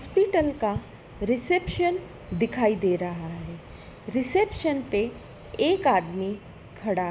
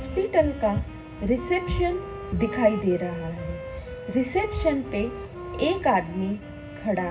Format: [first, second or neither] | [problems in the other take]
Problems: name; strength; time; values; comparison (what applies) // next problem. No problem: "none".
first | background sound (Wind instrument, woodwind instrument); 12 dB below the speech // room echo; dies away in 0.4 s